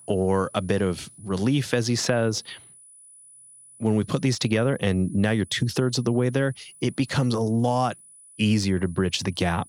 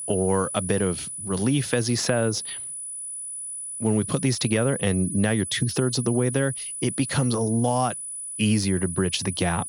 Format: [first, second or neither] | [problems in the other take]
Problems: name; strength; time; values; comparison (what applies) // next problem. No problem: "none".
first | high-pitched whine; loud; throughout; 10 kHz, 6 dB below the speech; faint in the first